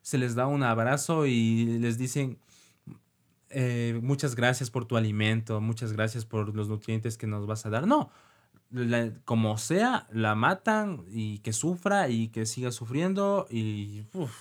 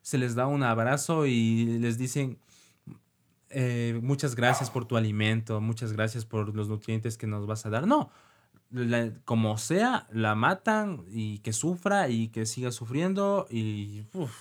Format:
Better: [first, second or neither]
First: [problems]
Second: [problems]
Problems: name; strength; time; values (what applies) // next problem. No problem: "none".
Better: first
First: none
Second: dog barking; noticeable; at 4.5 s; peak 4 dB below the speech